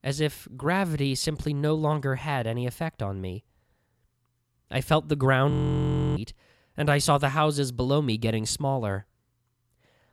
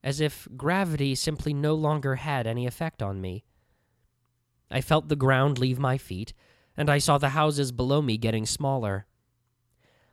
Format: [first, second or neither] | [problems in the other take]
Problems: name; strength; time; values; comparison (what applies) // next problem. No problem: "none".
second | audio freezing; at 5.5 s for 0.5 s